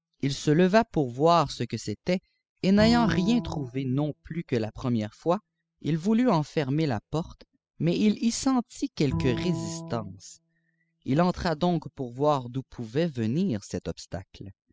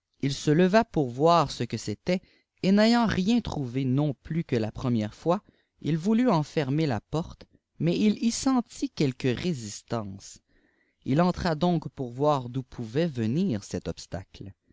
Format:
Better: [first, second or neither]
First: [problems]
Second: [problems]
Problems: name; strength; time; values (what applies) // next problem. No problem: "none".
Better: second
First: noise reduction (classical method spectral subtraction)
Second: none